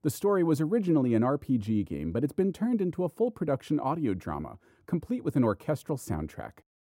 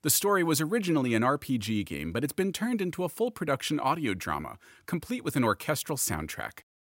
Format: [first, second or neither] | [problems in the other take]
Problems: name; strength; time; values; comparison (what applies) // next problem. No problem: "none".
second | muffled; slightly; fading above 1 kHz